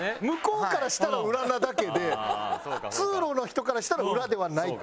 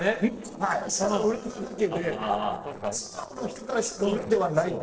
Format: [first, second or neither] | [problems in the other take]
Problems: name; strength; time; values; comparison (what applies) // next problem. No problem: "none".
first | noise reduction (neural separator model SepFormer DNS4)